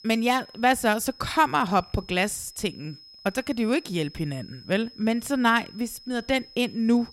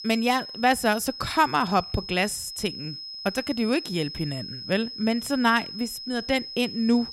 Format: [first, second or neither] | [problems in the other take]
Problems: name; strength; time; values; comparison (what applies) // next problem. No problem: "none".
first | high-pitched whine; loud; throughout; 5 kHz, 10 dB below the speech; faint in the first